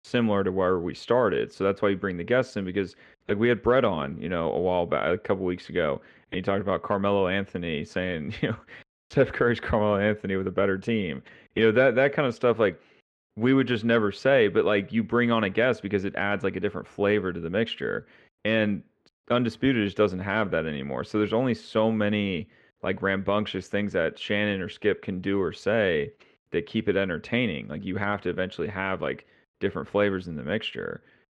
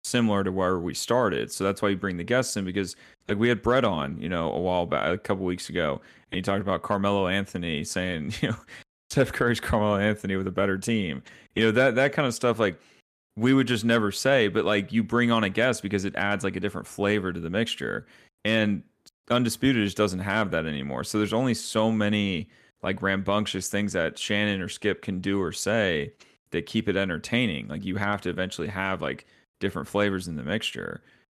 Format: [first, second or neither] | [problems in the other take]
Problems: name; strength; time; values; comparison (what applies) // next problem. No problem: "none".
second | muffled; slightly; fading above 2.5 kHz